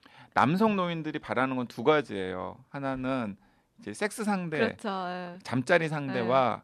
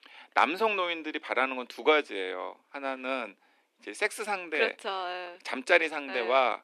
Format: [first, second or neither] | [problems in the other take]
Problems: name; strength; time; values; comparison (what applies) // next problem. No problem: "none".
first | thin; somewhat; fading below 300 Hz